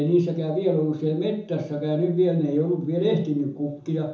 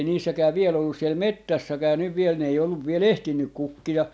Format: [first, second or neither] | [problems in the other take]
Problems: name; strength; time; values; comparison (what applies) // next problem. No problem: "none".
second | room echo; dies away in 0.6 s